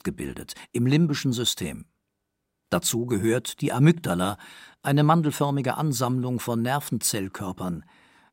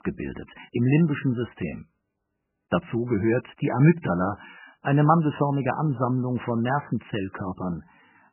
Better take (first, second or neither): first